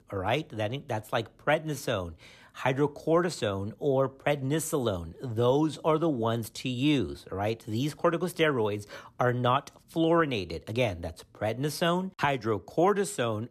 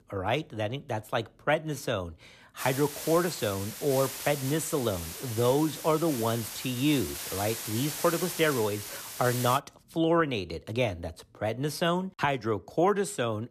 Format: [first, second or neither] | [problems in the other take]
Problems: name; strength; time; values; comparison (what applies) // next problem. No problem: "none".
first | hiss; loud; from 2.5 to 9.5 s; 7 dB below the speech